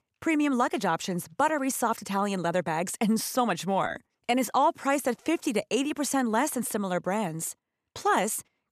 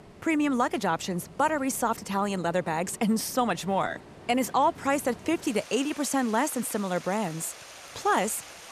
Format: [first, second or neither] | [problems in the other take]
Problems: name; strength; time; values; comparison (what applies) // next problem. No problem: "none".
first | rain or running water; noticeable; throughout; 20 dB below the speech